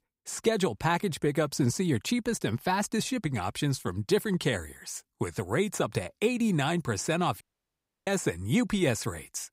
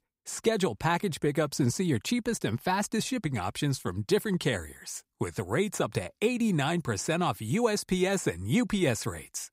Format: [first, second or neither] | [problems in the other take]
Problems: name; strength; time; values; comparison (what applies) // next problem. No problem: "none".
second | audio cutting out; at 7.5 s for 0.5 s